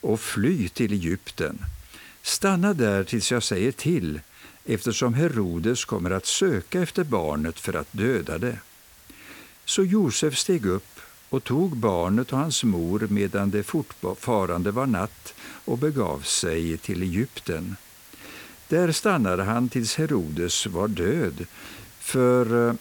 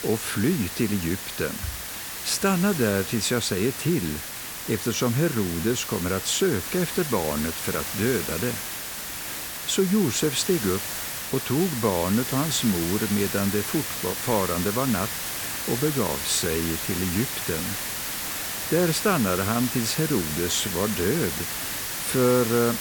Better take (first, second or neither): first